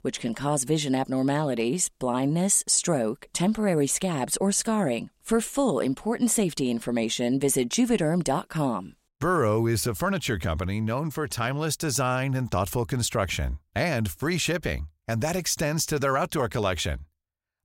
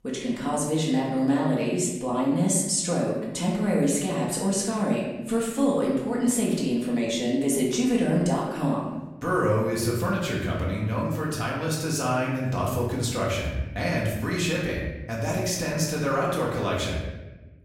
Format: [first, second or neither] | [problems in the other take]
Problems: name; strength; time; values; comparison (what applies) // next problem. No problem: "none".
first | off-mic speech; far // room echo; noticeable; dies away in 1 s